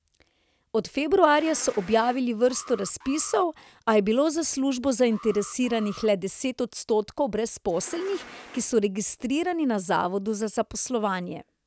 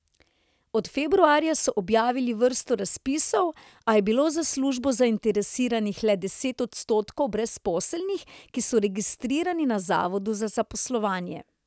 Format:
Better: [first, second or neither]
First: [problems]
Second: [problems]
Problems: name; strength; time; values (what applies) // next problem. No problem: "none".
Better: second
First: background sound (Alarm + Insect); 20 dB below the speech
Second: none